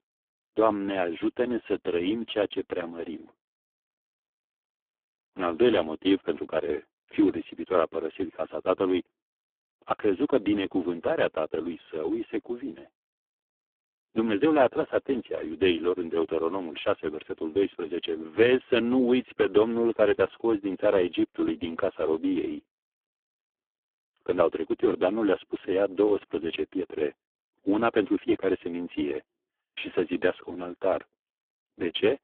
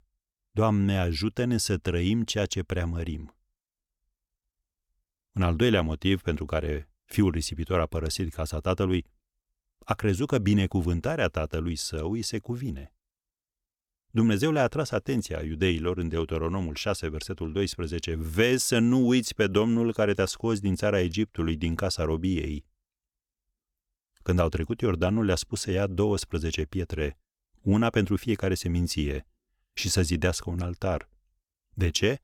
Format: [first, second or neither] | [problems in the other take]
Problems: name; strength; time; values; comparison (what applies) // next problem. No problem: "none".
second | phone-call audio; poor line